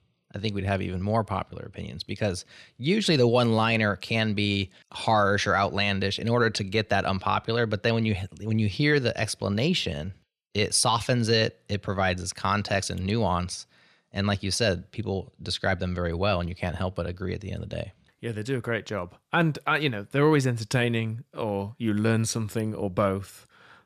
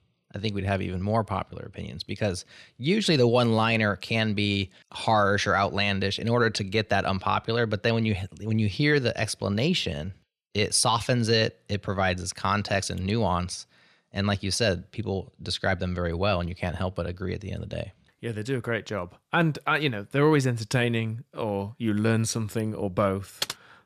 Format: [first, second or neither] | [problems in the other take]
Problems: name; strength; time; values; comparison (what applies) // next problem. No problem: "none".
first | keyboard typing; noticeable; at 23 s; peak 6 dB below the speech